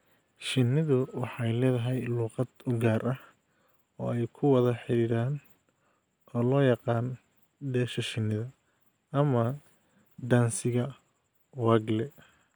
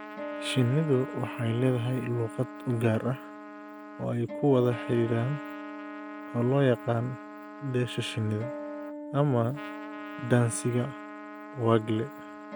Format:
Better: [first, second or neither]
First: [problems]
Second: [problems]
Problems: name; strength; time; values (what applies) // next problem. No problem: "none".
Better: first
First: none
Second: background sound (Trumpet + Acoustic guitar); 11 dB below the speech